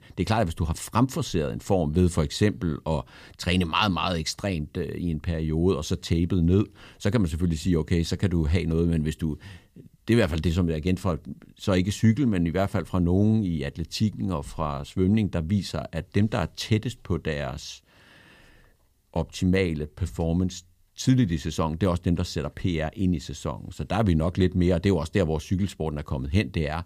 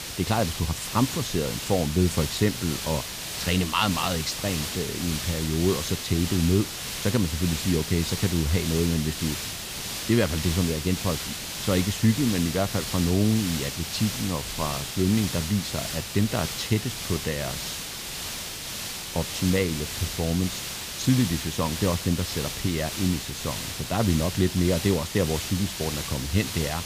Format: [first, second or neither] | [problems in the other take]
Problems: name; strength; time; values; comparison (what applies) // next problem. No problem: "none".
first | hiss; loud; throughout; 5 dB below the speech